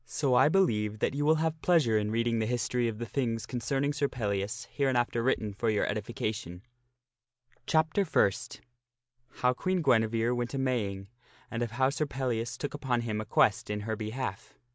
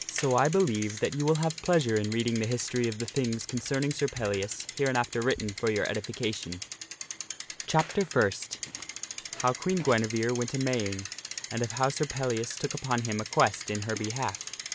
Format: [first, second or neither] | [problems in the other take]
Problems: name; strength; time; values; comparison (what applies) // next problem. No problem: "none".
first | background sound (Bicycle); 10 dB below the speech